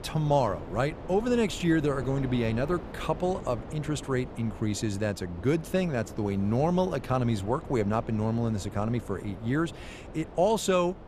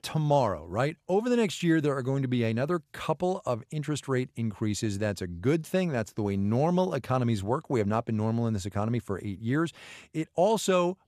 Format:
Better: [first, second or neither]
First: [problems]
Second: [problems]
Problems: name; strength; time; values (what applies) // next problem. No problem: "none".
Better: second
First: wind noise on the microphone; occasional gusts; 15 dB below the speech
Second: none